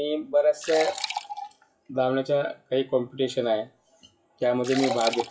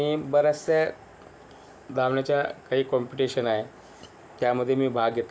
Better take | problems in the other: second | noise reduction (classical method WPE with log-MMSE)

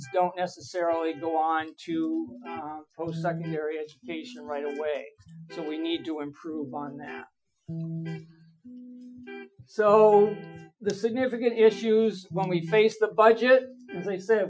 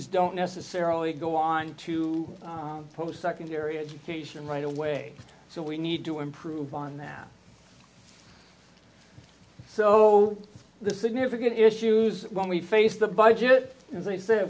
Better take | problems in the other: second | noise reduction (classical method Wiener filter)

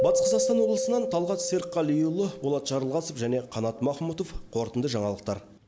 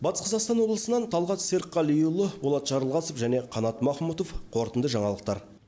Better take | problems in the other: second | background sound (Keyboard (musical)); 3 dB below the speech

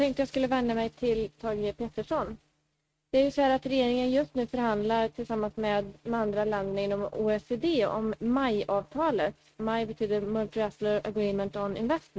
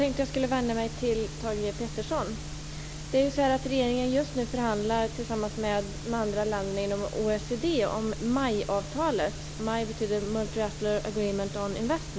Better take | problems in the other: second | noise reduction (neural mask model RNNoise)

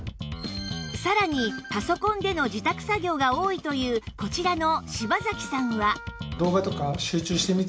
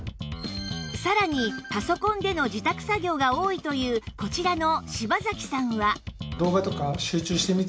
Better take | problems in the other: second | background sound (Wind instrument, woodwind instrument); 17 dB below the speech

